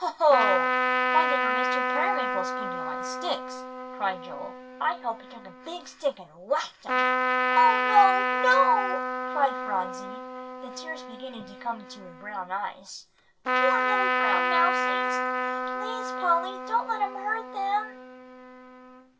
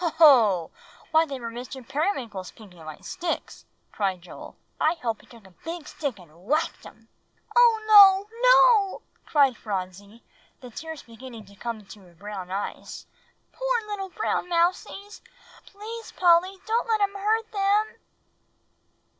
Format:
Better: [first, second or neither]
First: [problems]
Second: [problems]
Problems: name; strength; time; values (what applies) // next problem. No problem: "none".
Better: second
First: background sound (Trumpet); as loud as the speech // room echo; dies away in 0.2 s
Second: none